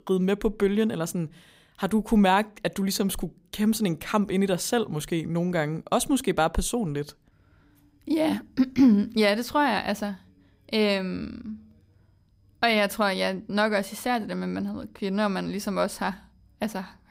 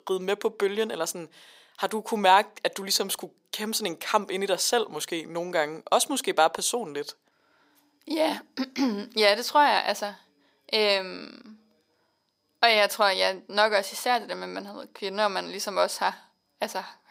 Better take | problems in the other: first | thin; somewhat; fading below 500 Hz

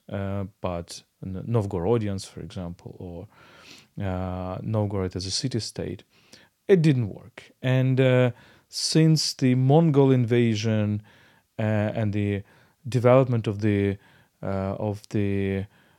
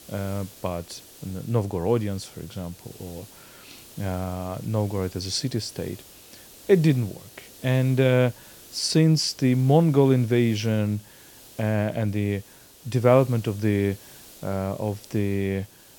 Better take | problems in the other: first | hiss; faint; throughout; 20 dB below the speech

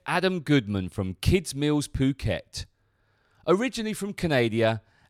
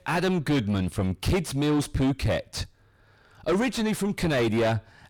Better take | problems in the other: first | distortion; heavy; 5 dB below the speech

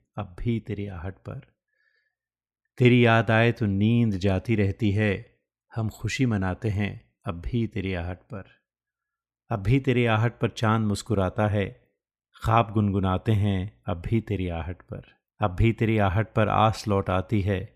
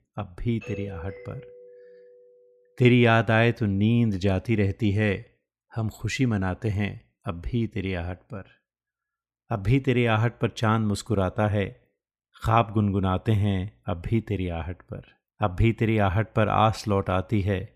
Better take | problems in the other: first | doorbell; faint; from 0.5 to 2.5 s; peak 15 dB below the speech

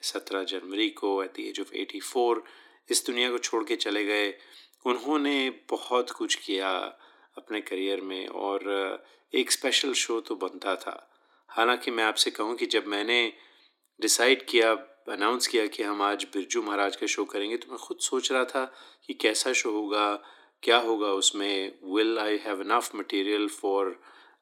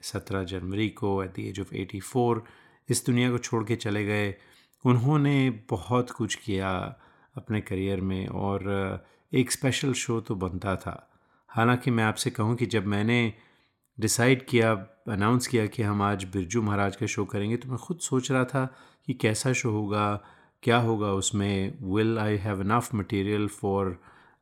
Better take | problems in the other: second | thin; somewhat; fading below 300 Hz

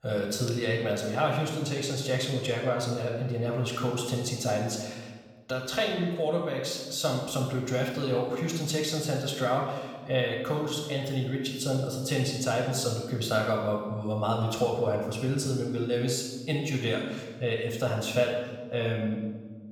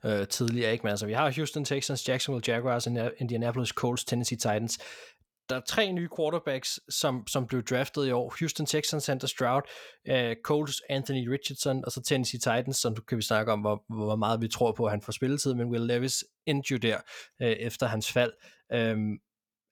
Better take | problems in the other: second | off-mic speech; somewhat distant // room echo; noticeable; dies away in 1.1 s

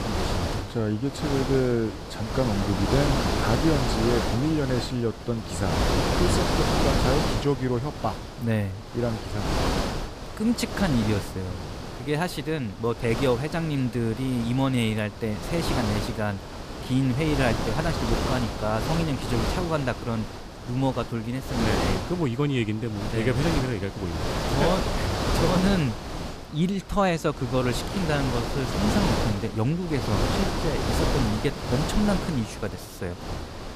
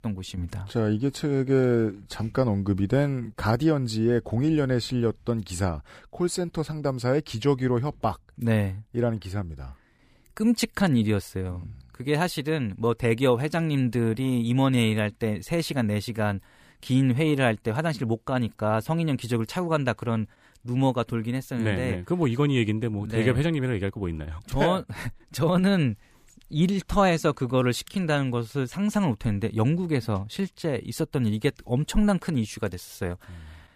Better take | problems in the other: second | wind noise on the microphone; heavy; as loud as the speech

